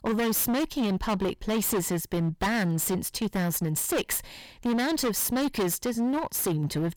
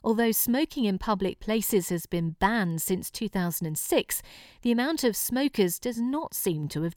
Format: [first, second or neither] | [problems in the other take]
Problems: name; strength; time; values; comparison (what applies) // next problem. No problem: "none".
second | distortion; heavy; 28% of the sound clipped